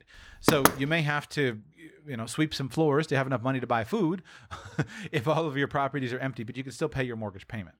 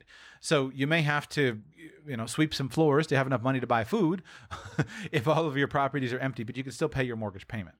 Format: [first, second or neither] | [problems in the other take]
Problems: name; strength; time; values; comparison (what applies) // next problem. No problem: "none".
second | door banging; loud; at 0.5 s; peak 5 dB above the speech